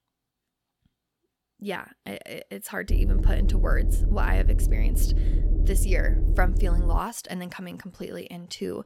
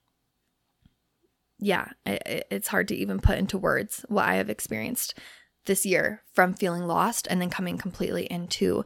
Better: second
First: low rumble; loud; from 3 to 7 s; 8 dB below the speech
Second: none

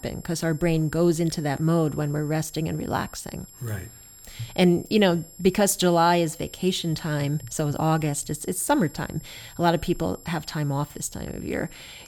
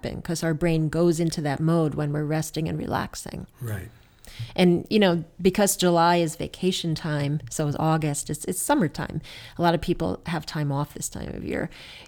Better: second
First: high-pitched whine; faint; throughout; 7.5 kHz, 20 dB below the speech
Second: none

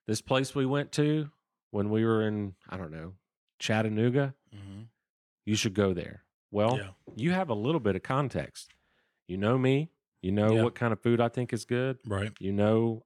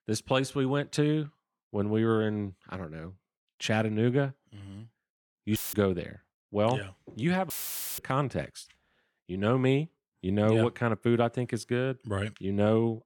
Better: first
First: none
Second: audio cutting out; filled with static; at 5.5 s and at 7.5 s

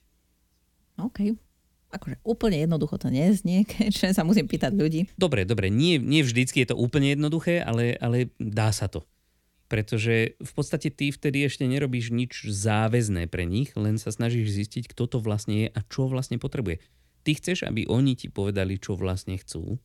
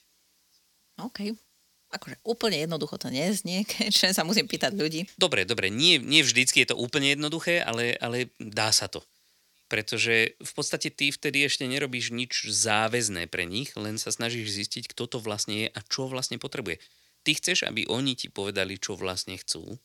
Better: first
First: none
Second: thin; somewhat; fading below 950 Hz

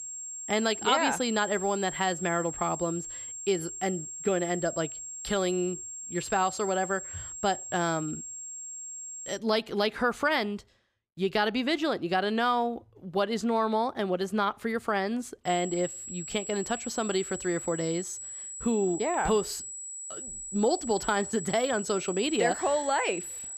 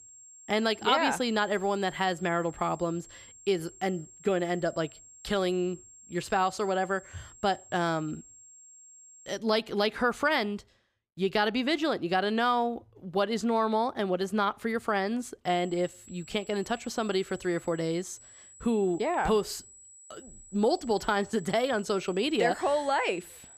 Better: second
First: high-pitched whine; loud; until 9.5 s and from 15 s on; 7.5 kHz, 8 dB below the speech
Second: high-pitched whine; faint; until 9.5 s and from 15 s on; 7.5 kHz, 20 dB below the speech

